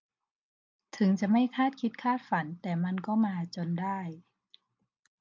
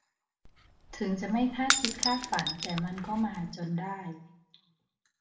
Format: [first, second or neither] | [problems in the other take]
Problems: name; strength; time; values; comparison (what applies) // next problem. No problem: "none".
first | background sound (Shatter / Crushing); 1 dB below the speech // room echo; dies away in 0.5 s